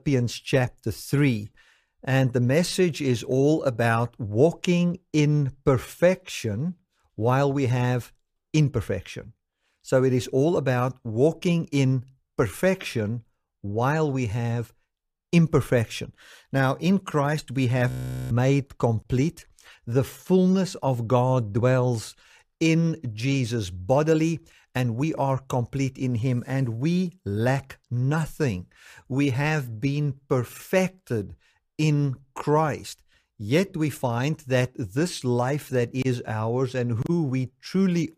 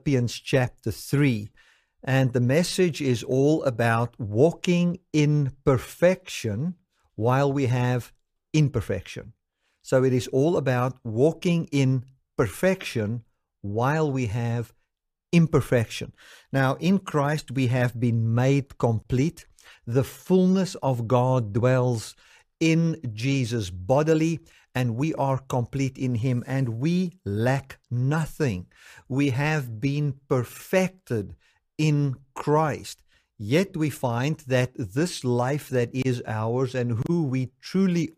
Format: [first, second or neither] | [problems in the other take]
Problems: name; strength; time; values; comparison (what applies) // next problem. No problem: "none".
second | audio freezing; at 18 s